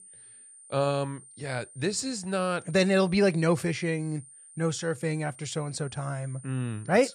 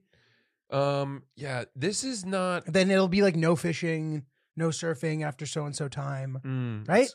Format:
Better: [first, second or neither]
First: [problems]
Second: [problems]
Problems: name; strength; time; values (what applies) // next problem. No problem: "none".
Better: second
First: high-pitched whine; noticeable; throughout; 9 kHz, 20 dB below the speech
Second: none